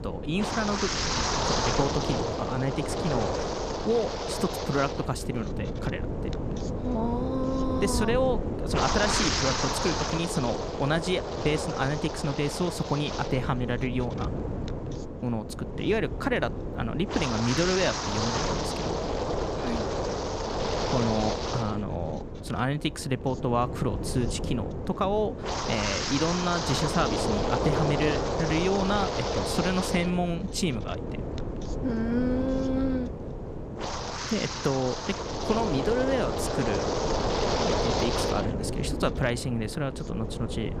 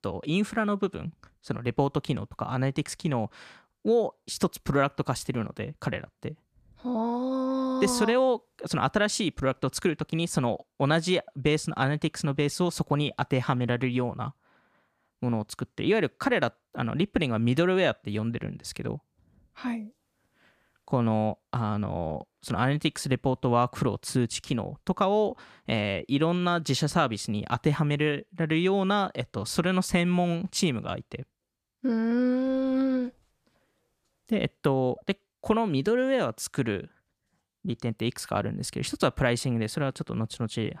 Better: second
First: wind noise on the microphone; heavy; as loud as the speech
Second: none

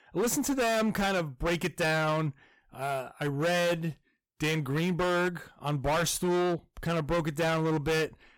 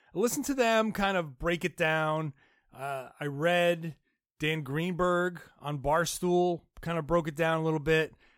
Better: second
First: distortion; heavy; 20% of the sound clipped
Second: none

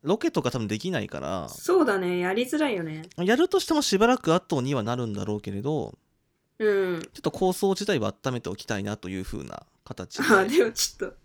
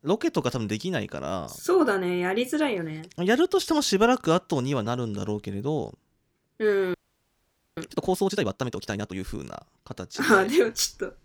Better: first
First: none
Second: audio freezing; at 7 s for 1 s

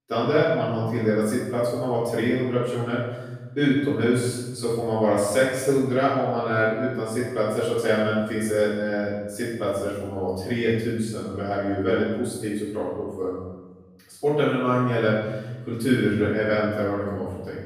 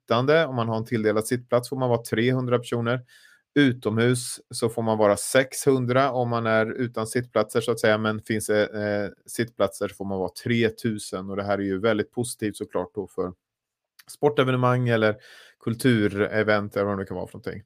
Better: second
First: off-mic speech; far // room echo; strong; dies away in 1.1 s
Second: none

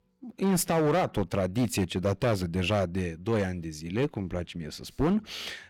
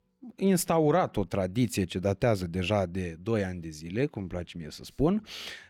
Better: second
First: distortion; slight; 8% of the sound clipped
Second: none

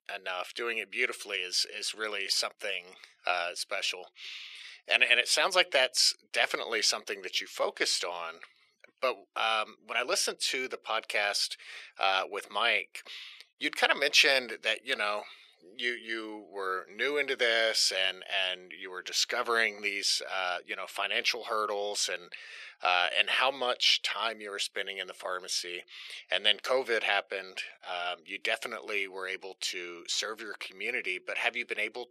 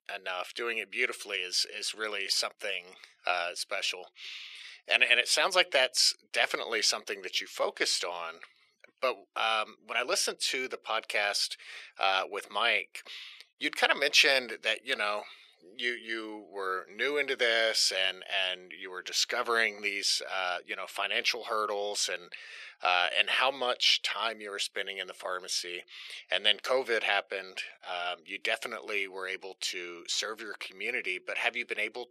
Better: neither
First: thin; very; fading below 450 Hz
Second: thin; very; fading below 450 Hz

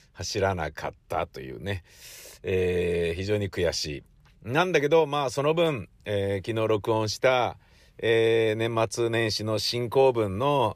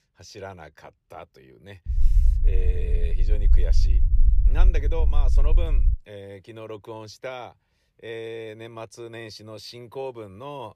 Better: first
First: none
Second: low rumble; loud; from 2 to 6 s; 9 dB below the speech

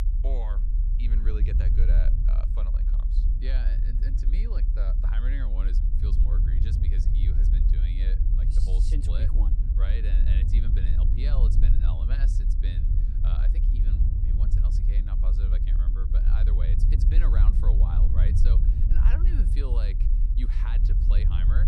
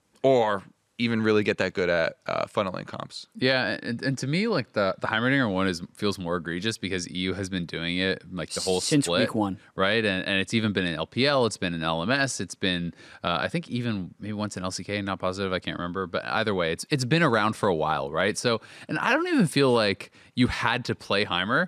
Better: second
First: low rumble; loud; throughout; 1 dB below the speech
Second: none

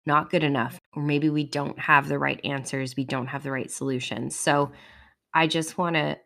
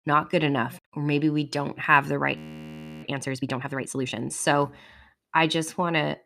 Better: first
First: none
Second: audio freezing; at 2.5 s for 0.5 s

